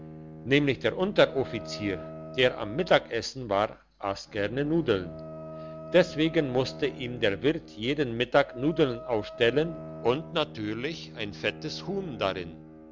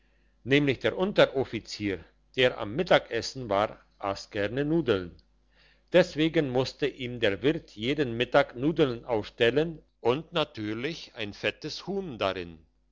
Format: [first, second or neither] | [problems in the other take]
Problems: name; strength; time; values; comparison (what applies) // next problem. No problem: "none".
second | background sound (Bowed string instrument + Wind instrument, woodwind instrument); 14 dB below the speech